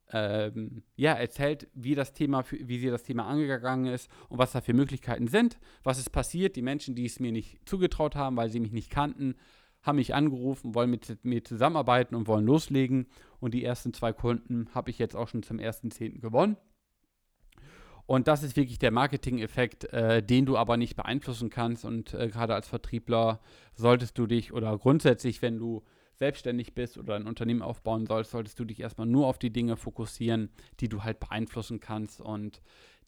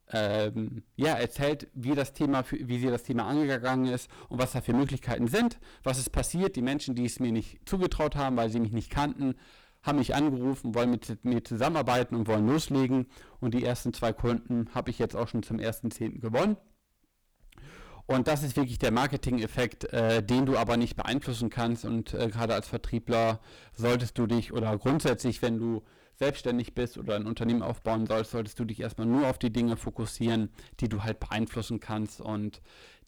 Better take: first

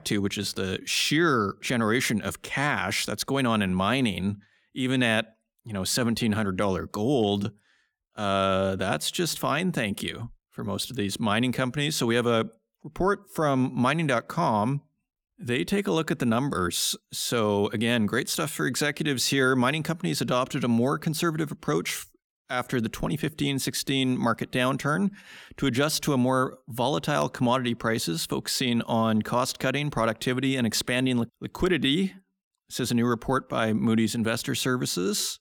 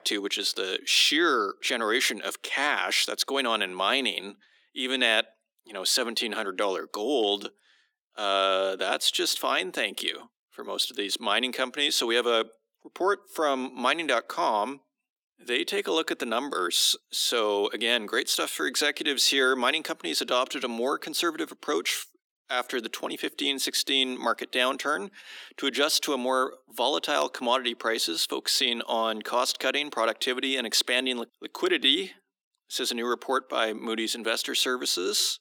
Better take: first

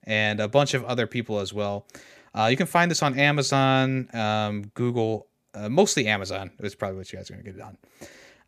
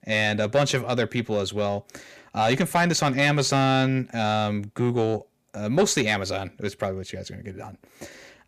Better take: first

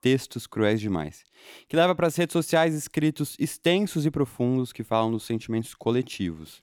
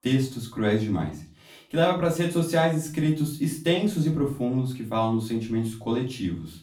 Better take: first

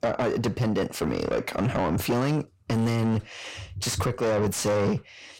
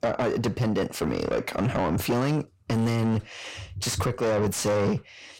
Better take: neither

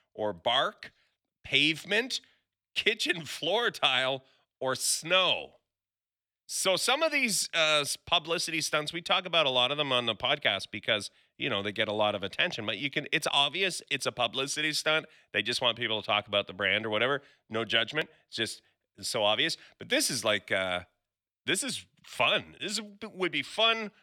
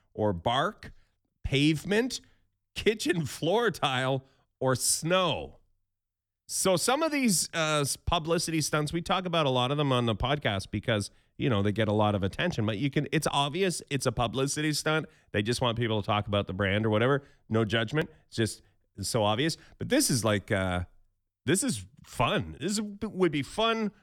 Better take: second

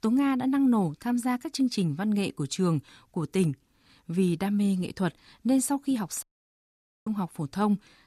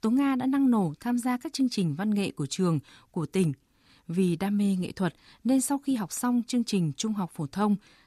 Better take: second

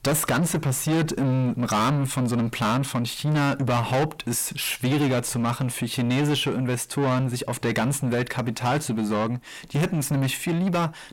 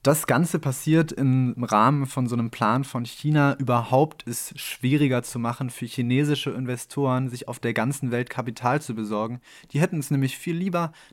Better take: second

